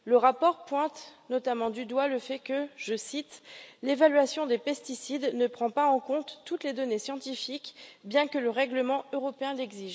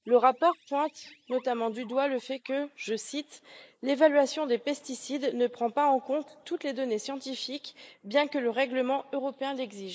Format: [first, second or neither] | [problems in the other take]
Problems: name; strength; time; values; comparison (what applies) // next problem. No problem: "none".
first | noise reduction (neural mask model Resemble Enhance denoiser)